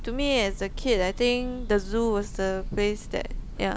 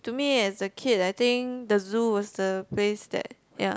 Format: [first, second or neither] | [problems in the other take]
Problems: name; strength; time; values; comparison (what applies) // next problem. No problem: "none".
second | background sound (Bird / Breathing); 7 dB below the speech